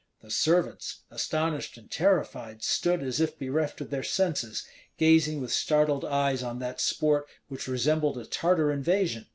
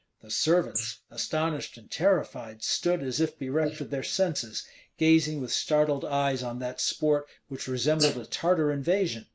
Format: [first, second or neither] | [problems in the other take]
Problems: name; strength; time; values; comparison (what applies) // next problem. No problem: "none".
first | noise reduction (neural mask model Resemble Enhance denoiser)